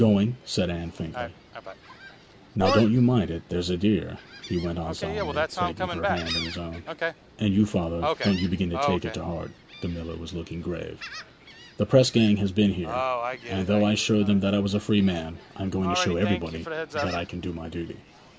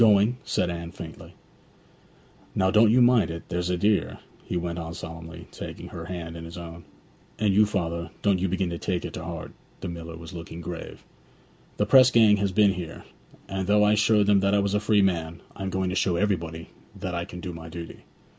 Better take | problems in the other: second | background sound (Gull, seagull); 8 dB below the speech

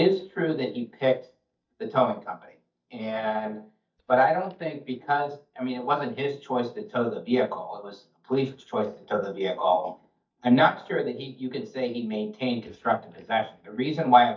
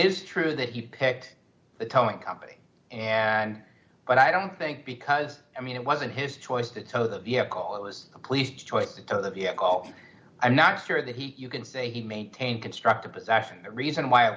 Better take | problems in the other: second | noise reduction (neural mask model DeepFilterNet 3)

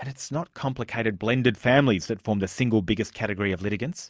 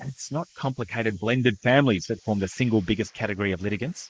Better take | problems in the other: first | noise reduction (neural mask model Resemble Enhance denoiser)

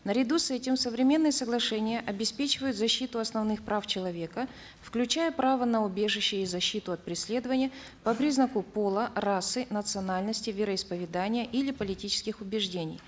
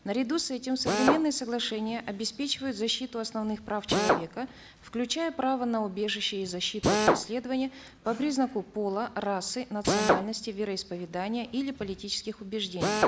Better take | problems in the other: first | background sound (Drill); 2 dB below the speech

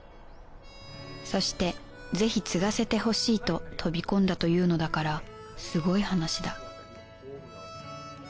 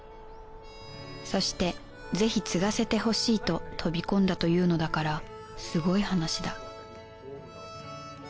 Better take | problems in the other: first | background sound (Wind instrument, woodwind instrument); 19 dB below the speech

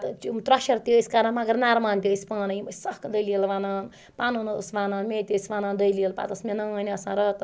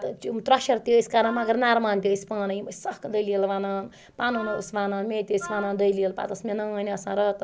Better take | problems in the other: first | background sound (Wind instrument, woodwind instrument); 14 dB below the speech

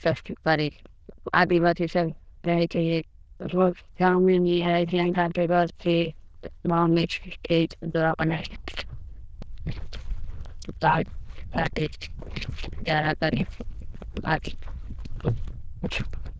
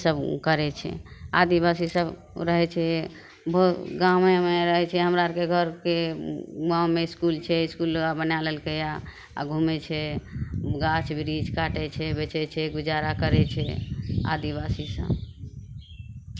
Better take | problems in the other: second | noise reduction (neural diffusion model UNIVERSE++)

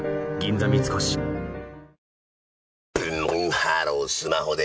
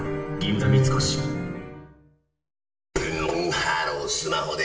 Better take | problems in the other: first | room echo; dies away in 0.8 s

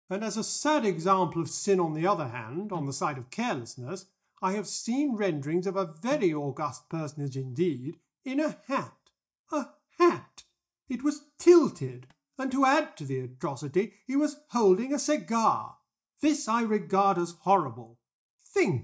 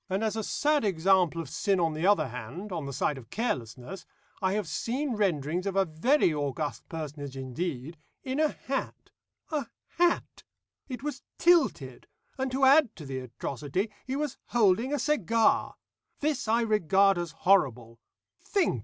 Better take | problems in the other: second | noise reduction (neural mask model DeepFilterNet 3)

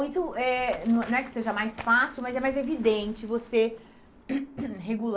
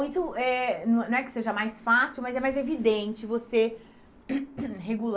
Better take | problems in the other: second | background sound (Run); 19 dB below the speech

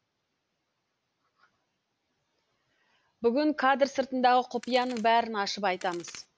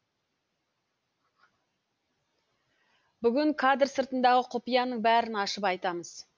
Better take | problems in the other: second | background sound (Crack); 19 dB below the speech

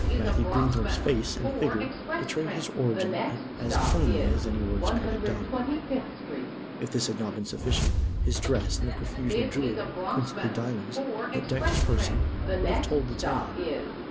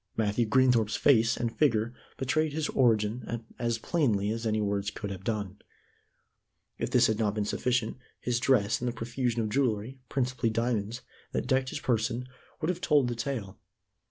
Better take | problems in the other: second | background sound (Subway, metro, underground + Whoosh, swoosh, swish); 3 dB above the speech

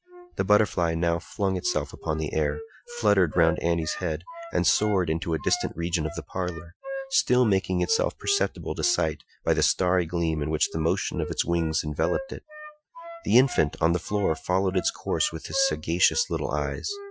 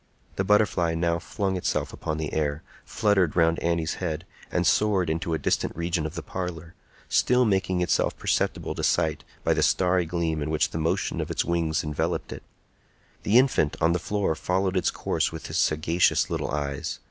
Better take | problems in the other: second | noise reduction (classical method Wiener filter)

